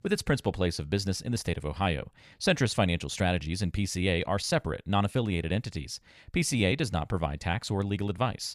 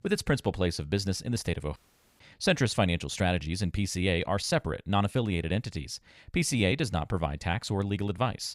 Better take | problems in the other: first | audio cutting out; at 2 s

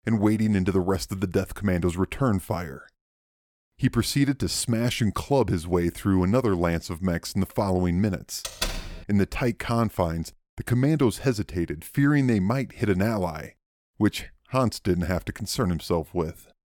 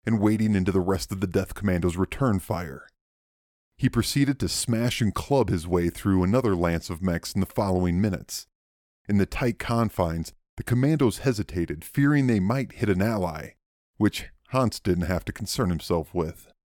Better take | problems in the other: second | door banging; noticeable; at 8.5 s; peak 4 dB below the speech

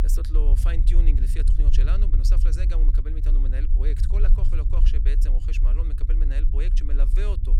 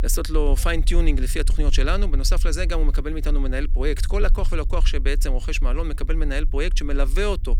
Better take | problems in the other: second | low rumble; loud; throughout; 5 dB below the speech; faint in the second

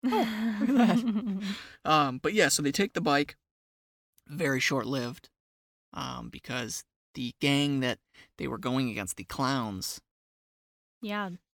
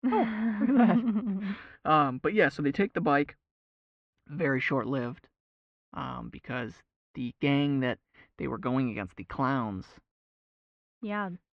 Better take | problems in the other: first | muffled; very; fading above 2 kHz

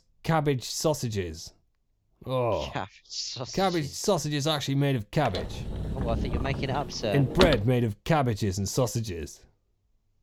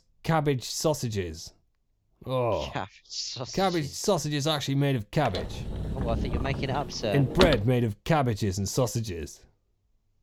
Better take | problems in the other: neither | door banging; loud; from 5.5 to 7.5 s; peak 2 dB above the speech; the same in both

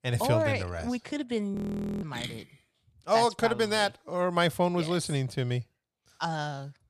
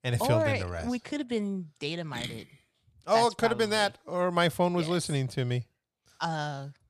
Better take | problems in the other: second | audio freezing; at 1.5 s

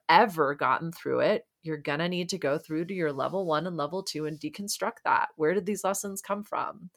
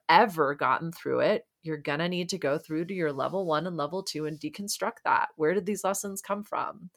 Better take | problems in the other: neither | none

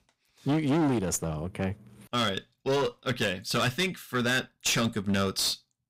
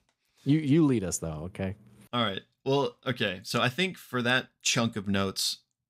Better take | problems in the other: second | distortion; heavy; 13% of the sound clipped

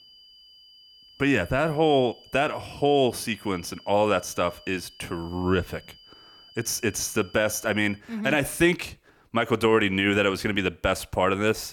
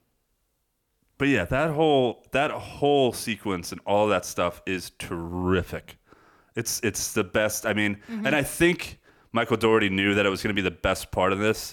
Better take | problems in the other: second | high-pitched whine; faint; until 8 s; 3 kHz, 25 dB below the speech

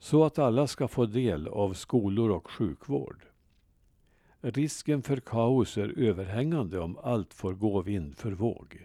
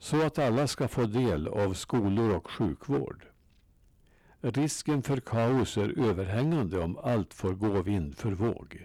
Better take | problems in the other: first | distortion; heavy; 13% of the sound clipped

